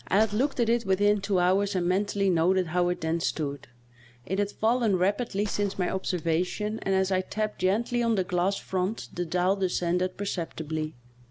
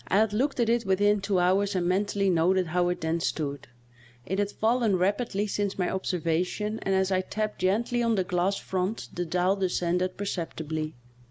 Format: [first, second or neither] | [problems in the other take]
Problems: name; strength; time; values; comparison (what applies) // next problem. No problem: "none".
second | background sound (Gunshot, gunfire); 11 dB below the speech